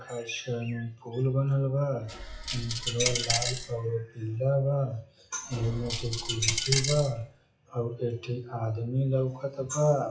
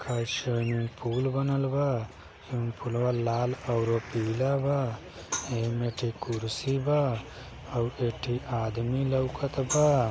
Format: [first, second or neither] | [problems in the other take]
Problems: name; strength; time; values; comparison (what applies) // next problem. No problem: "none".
second | noise reduction (classical method WPE with log-MMSE)